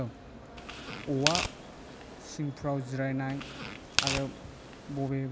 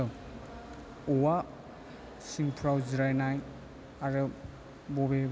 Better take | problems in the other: second | background sound (Tearing); 1 dB below the speech

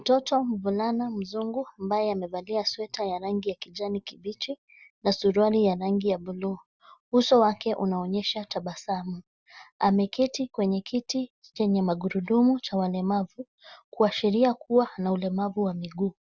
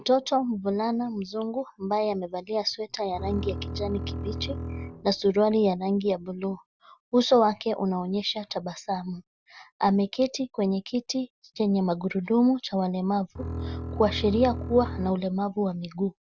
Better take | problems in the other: first | background sound (Bowed string instrument); 8 dB below the speech

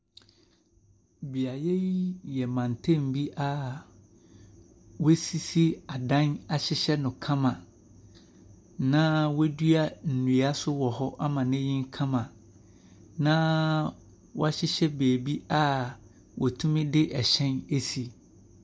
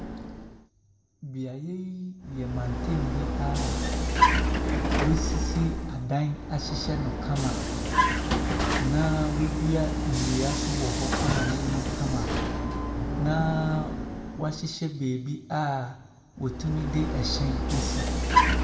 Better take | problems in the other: first | background sound (Vehicle); 3 dB above the speech // room echo; dies away in 1.1 s

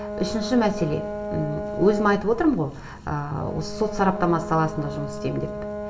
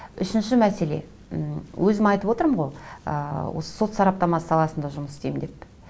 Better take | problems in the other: second | background sound (Brass instrument); 8 dB below the speech // room echo; dies away in 1.5 s

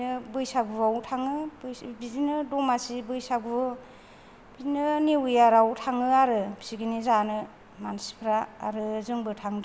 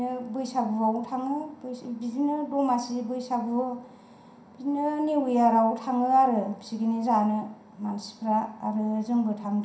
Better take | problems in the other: first | room echo; dies away in 0.5 s

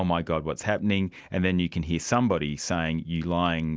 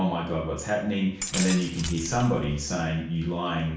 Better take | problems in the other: first | background sound (Glass); 9 dB below the speech // room echo; dies away in 0.6 s

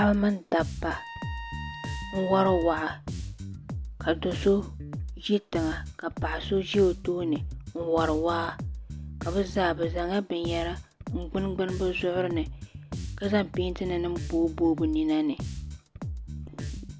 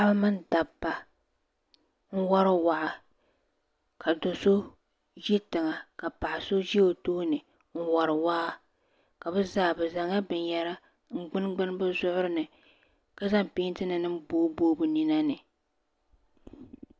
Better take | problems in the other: second | background sound (Trumpet + Bass guitar); 8 dB below the speech

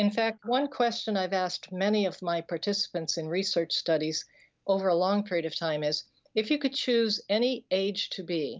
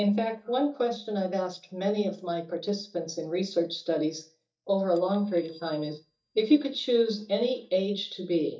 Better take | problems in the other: first | noise reduction (neural mask model DeepFilterNet 3)

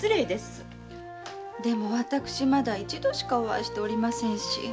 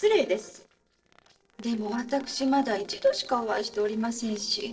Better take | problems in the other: first | noise reduction (neural separator model SepFormer DNS4)

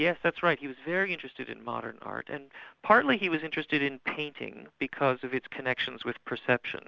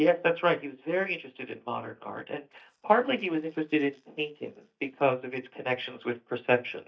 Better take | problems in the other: first | noise reduction (neural mask model DeepFilterNet 3)

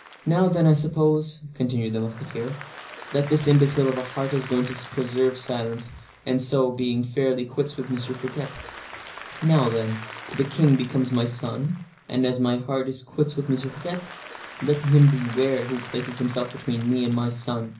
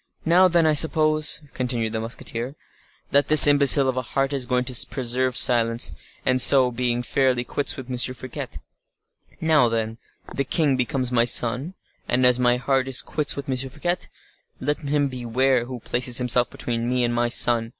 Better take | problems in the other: second | background sound (Applause / Crowd); 18 dB below the speech // room echo; dies away in 0.5 s

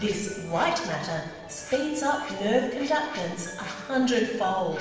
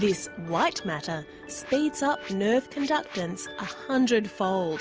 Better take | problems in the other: second | room echo; dies away in 1.2 s

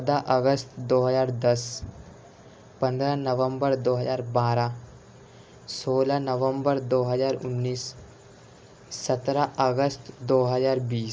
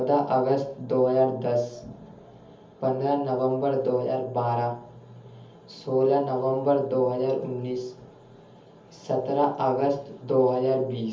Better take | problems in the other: first | room echo; dies away in 0.7 s

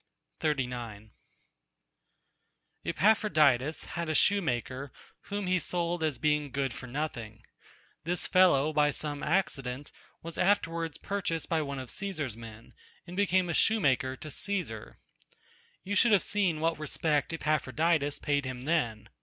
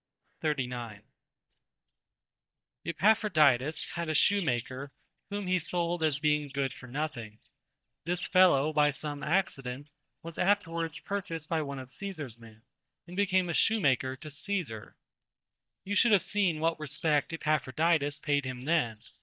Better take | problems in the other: first | noise reduction (neural mask model DeepFilterNet 3)

